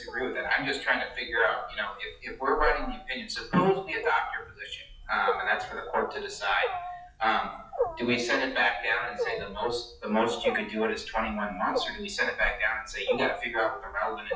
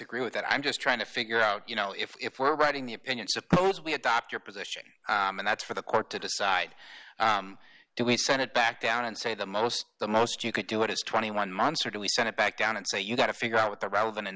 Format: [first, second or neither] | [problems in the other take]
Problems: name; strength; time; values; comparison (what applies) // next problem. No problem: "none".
second | noise reduction (classical method WPE with log-MMSE)